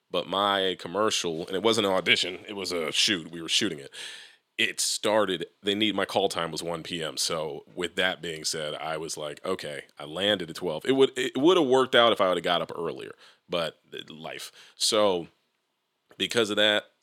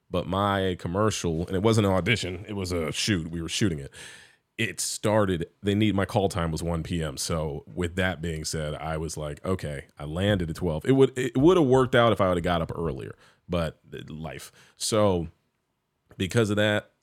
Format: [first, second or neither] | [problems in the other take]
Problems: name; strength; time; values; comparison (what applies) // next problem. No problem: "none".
second | thin; somewhat; fading below 300 Hz